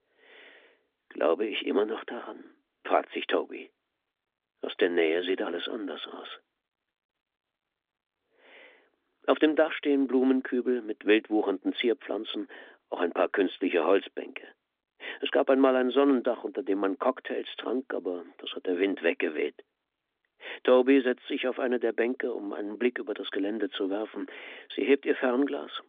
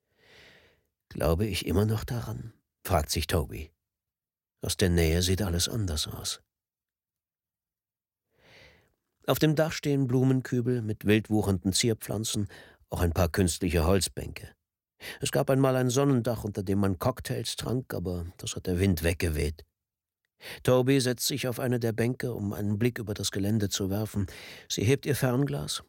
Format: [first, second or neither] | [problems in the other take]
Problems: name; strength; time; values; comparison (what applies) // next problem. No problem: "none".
second | phone-call audio